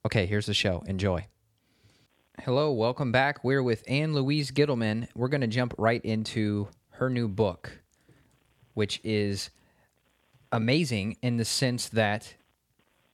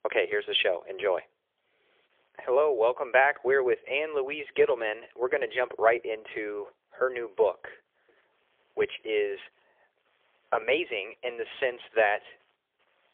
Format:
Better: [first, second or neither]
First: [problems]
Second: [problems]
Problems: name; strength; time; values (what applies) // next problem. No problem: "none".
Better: first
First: none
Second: phone-call audio; poor line; nothing above 3.5 kHz